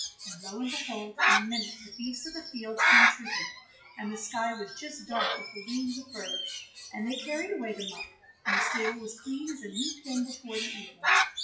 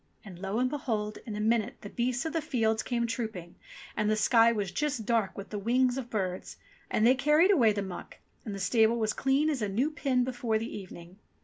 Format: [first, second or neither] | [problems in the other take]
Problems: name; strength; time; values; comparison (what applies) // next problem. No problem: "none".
second | noise reduction (classical method WPE with log-MMSE)